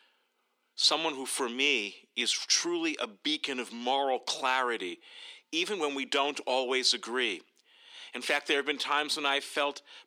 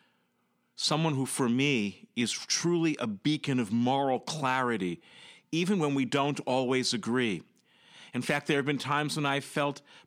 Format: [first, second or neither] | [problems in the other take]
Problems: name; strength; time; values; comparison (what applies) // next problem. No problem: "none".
second | thin; somewhat; fading below 350 Hz